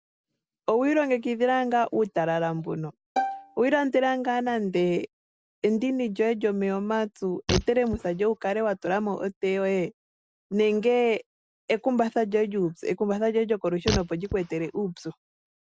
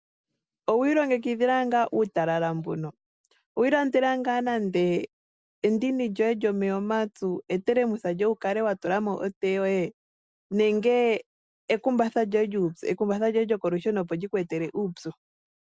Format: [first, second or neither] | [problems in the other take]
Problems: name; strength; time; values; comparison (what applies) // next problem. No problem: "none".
second | background sound (Bowed string instrument + Fart); 7 dB below the speech